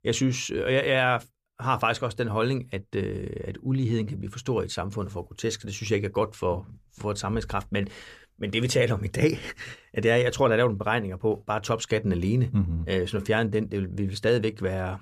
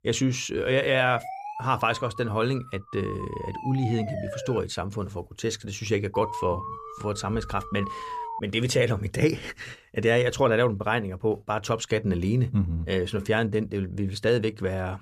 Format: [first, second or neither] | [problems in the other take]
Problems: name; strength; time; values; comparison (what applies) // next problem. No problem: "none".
first | siren; noticeable; from 0.5 to 4.5 s; peak 8 dB below the speech // alarm; noticeable; from 6 to 8.5 s; peak 7 dB below the speech